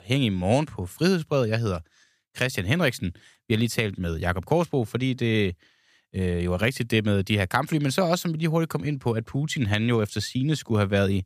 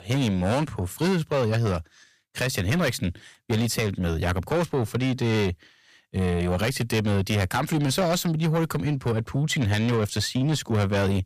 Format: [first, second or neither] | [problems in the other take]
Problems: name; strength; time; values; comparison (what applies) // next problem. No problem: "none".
first | distortion; heavy; 8 dB below the speech